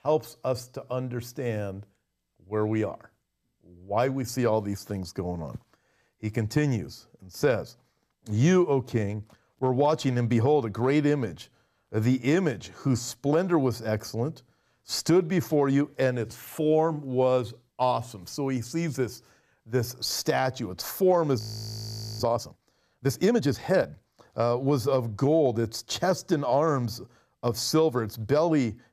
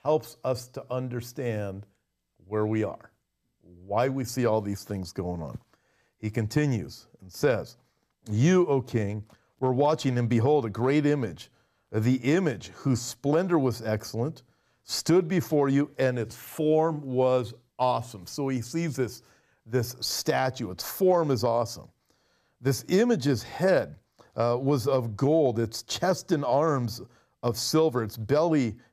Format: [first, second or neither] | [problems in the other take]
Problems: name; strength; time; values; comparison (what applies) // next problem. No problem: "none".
second | audio freezing; at 21 s for 1 s